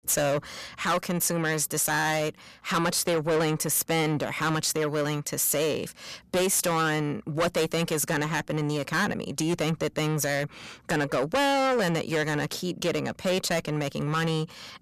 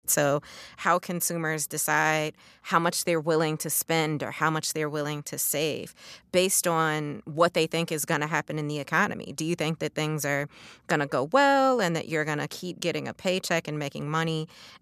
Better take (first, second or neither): second